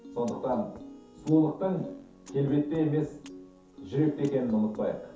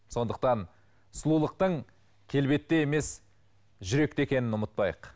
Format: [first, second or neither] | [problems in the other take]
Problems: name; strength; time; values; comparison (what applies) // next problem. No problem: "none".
second | background sound (Piano); 17 dB below the speech // room echo; dies away in 0.5 s